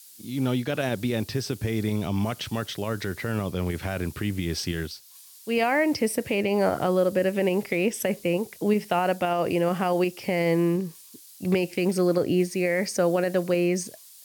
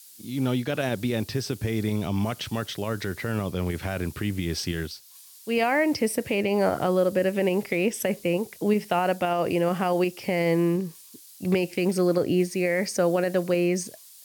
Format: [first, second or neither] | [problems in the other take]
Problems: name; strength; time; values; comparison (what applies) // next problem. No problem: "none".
neither | hiss; faint; throughout; 20 dB below the speech; the same in both